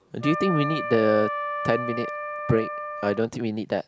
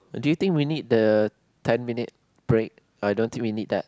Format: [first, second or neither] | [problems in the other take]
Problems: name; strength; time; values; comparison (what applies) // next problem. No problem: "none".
second | background sound (Wind instrument, woodwind instrument); 5 dB below the speech